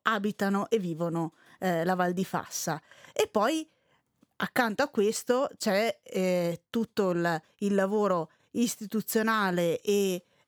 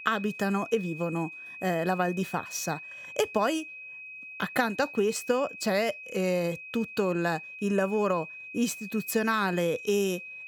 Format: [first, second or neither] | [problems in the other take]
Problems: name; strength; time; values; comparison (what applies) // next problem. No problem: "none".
first | high-pitched whine; noticeable; throughout; 2.5 kHz, 10 dB below the speech